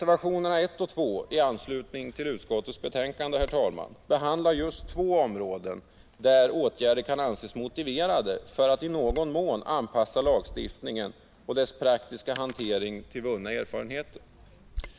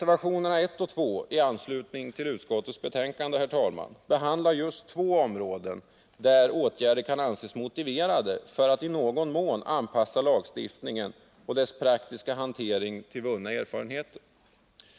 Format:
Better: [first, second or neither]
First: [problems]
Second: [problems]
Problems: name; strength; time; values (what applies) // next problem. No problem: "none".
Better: second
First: background sound (Shatter + Bird vocalization, bird call, bird song); 18 dB below the speech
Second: none